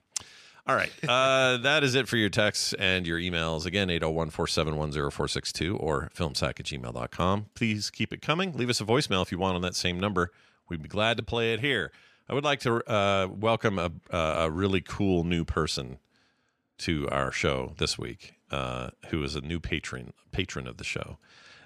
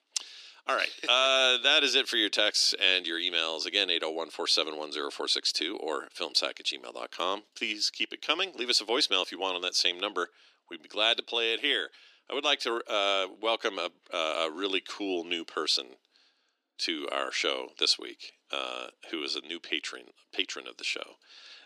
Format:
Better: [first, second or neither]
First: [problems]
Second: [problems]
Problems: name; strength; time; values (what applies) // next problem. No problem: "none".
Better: first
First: none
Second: thin; somewhat; fading below 300 Hz